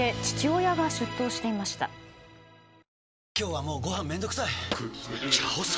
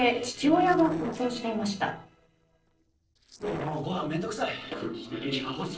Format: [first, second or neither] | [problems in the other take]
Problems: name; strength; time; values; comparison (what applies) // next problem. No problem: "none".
first | noise reduction (neural separator model SepFormer DNS4)